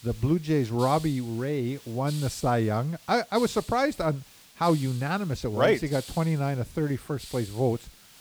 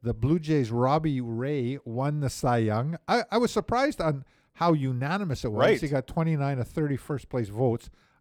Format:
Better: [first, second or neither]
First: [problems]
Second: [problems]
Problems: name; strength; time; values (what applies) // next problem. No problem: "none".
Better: second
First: hiss; noticeable; throughout; 20 dB below the speech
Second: none